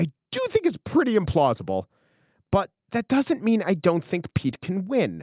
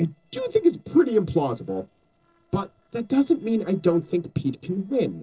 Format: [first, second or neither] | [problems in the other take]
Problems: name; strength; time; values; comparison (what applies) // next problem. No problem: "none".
first | noise reduction (neural separator model SepFormer DNS4)